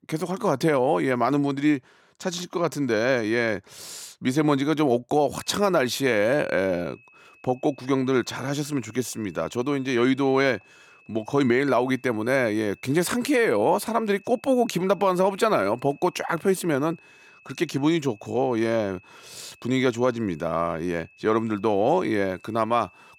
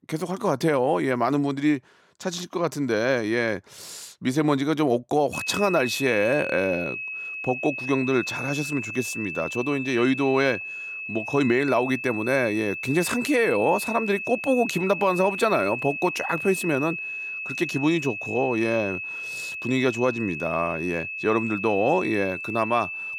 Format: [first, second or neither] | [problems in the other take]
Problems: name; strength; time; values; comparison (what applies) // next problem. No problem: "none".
first | high-pitched whine; loud; from 5.5 s on; 2.5 kHz, 6 dB below the speech; faint in the first